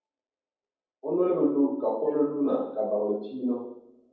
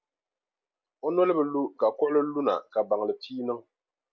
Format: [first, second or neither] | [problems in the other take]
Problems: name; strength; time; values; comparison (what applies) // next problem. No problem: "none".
second | room echo; dies away in 0.9 s